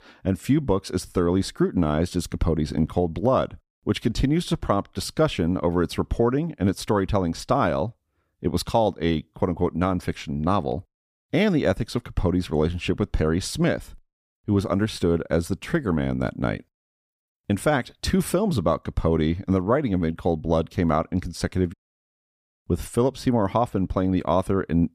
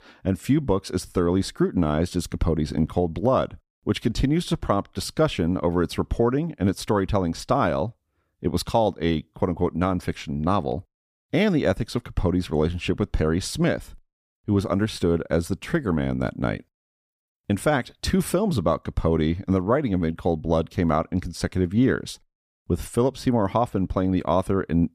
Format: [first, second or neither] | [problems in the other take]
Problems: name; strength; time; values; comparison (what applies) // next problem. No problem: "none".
second | audio cutting out; at 22 s for 0.5 s